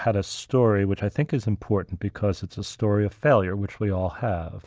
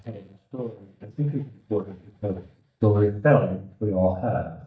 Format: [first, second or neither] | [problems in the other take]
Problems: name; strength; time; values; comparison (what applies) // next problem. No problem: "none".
first | noise reduction (neural mask model DeepFilterNet 3)